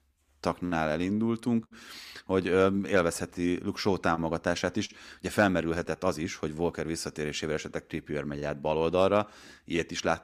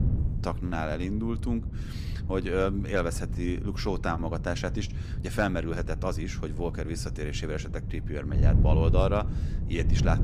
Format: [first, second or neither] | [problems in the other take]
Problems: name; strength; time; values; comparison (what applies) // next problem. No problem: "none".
first | wind noise on the microphone; occasional gusts; 10 dB below the speech